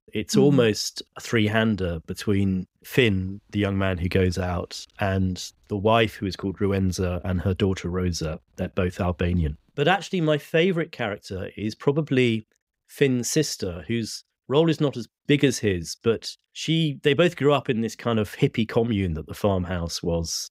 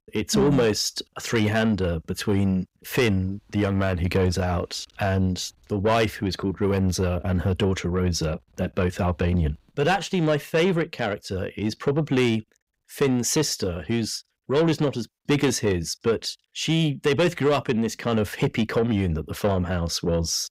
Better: first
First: none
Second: distortion; slight; 10 dB below the speech

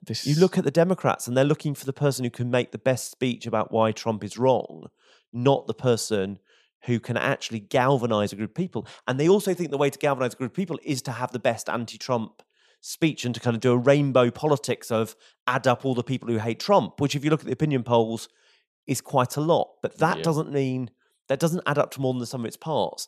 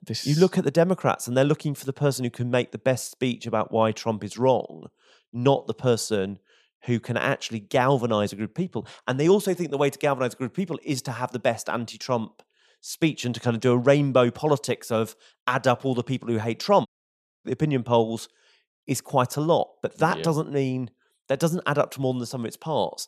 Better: first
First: none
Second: audio cutting out; at 17 s for 0.5 s

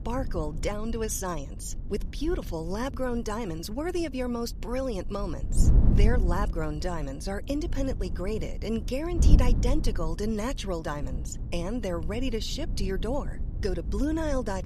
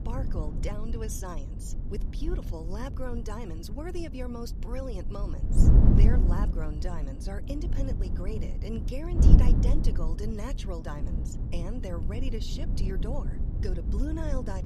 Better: first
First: wind noise on the microphone; occasional gusts; 10 dB below the speech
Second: wind noise on the microphone; heavy; 2 dB below the speech

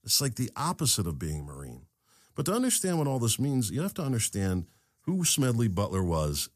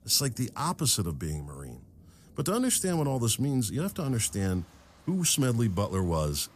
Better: first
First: none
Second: rain or running water; faint; throughout; 25 dB below the speech

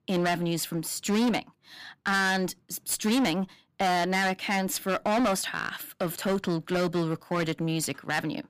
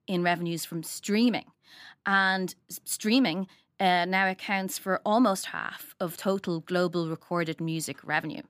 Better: second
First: distortion; heavy; 16% of the sound clipped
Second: none

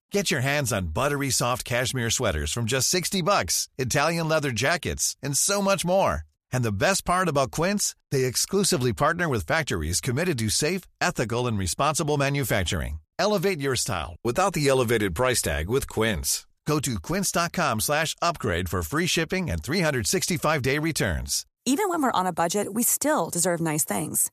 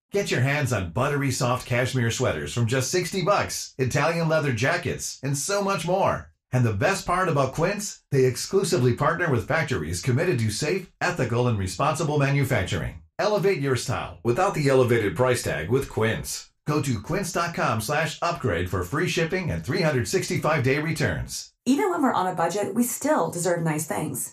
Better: first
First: none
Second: room echo; very slight; dies away in 0.2 s // off-mic speech; somewhat distant

